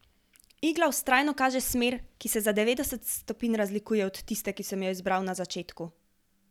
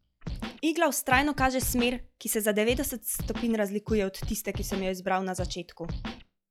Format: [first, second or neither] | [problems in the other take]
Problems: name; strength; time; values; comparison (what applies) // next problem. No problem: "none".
first | noise reduction (classical method log-MMSE)